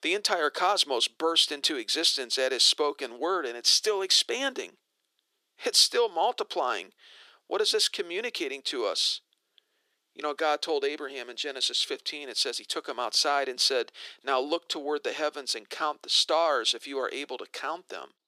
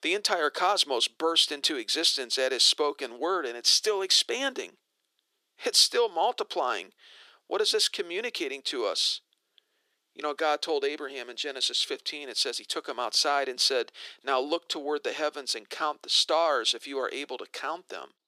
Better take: neither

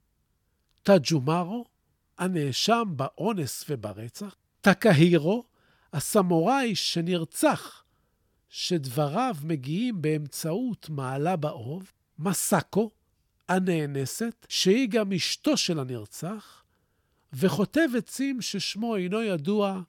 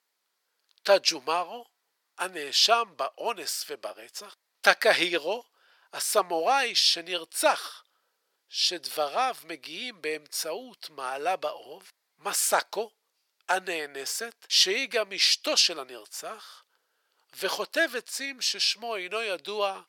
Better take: first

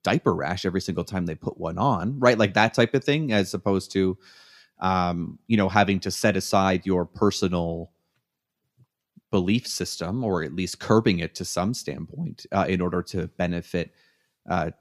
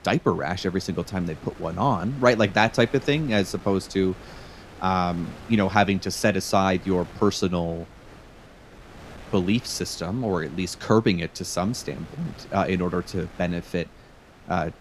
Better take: first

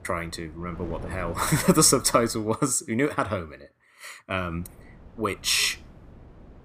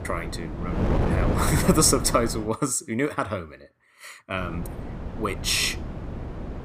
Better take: first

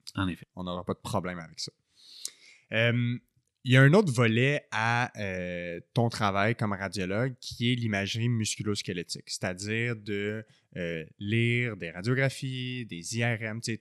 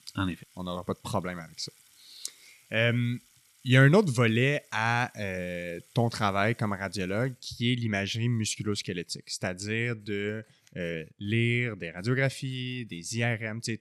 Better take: first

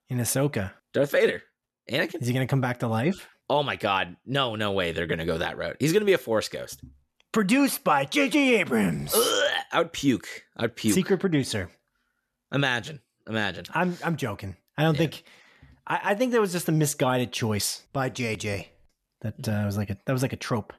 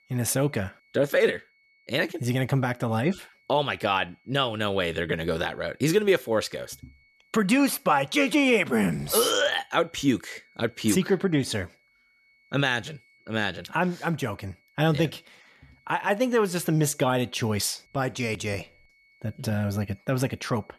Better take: first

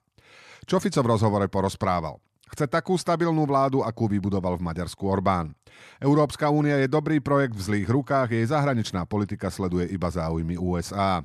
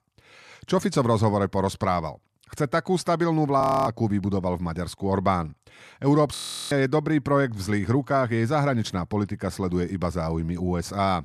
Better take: first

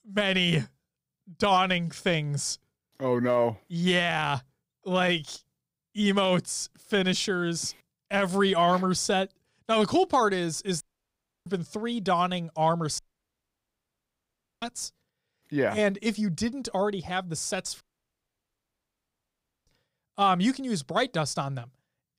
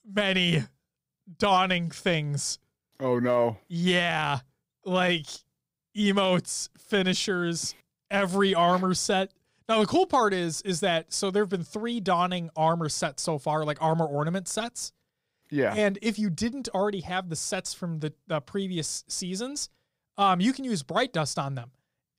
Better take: second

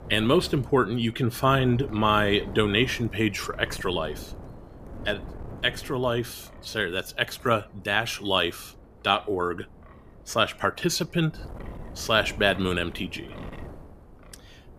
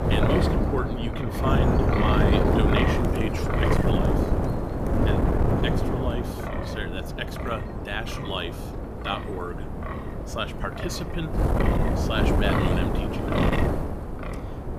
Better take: first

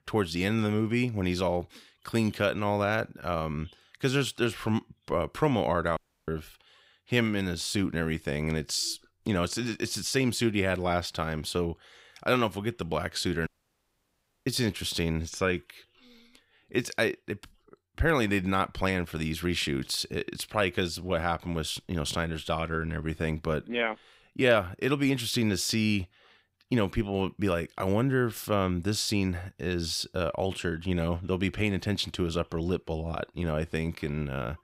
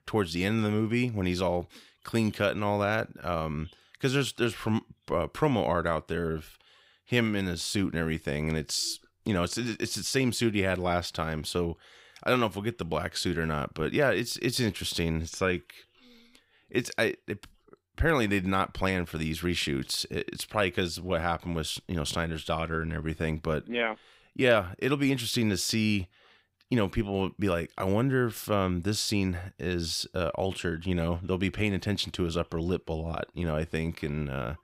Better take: second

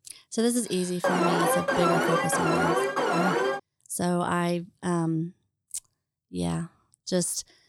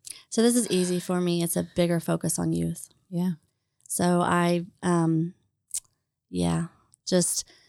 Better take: second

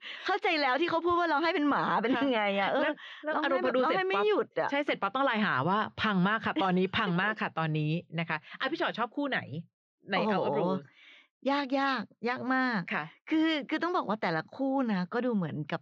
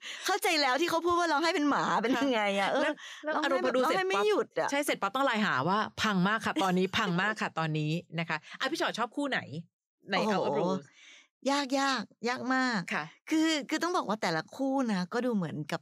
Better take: second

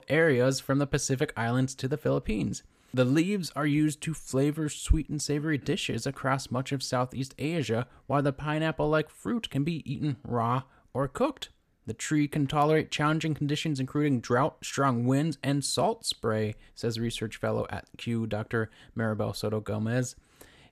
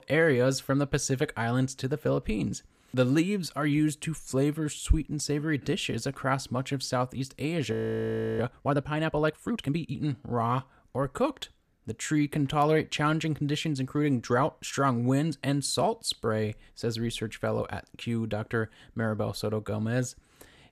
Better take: first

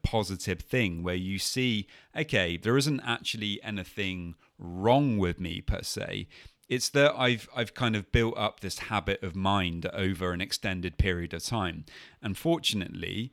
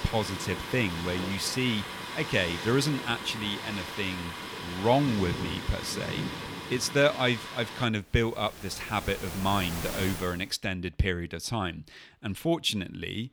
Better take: first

